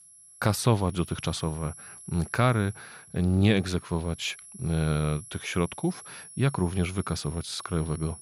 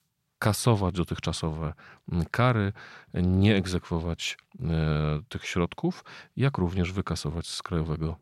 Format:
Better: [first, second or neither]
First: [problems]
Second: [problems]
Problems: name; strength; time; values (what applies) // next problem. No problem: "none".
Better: second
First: high-pitched whine; noticeable; throughout; 11 kHz, 15 dB below the speech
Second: none